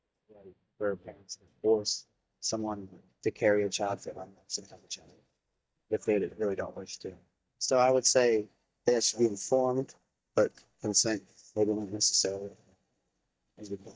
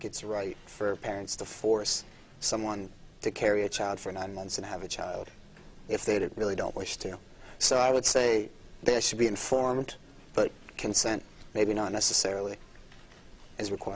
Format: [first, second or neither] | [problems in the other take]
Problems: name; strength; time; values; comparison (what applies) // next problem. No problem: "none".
second | noise reduction (neural mask model DeepFilterNet 3)